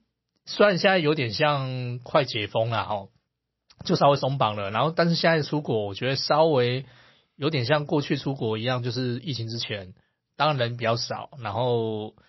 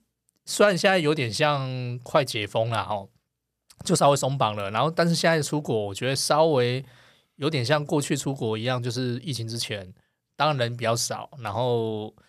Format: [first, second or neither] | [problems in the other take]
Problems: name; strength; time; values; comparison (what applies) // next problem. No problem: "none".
second | garbled, watery; slightly; nothing above 5.5 kHz